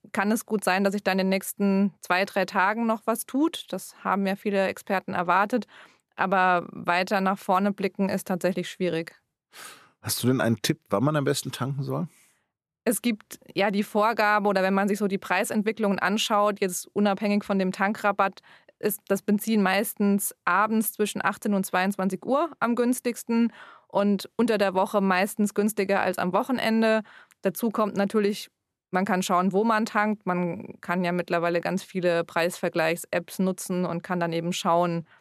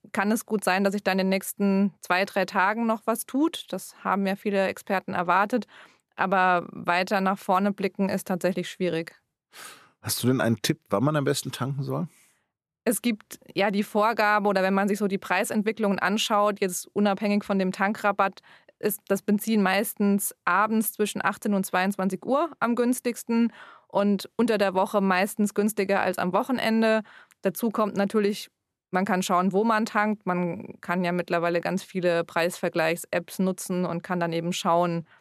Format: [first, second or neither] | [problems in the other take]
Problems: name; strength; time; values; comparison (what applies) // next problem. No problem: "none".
neither | none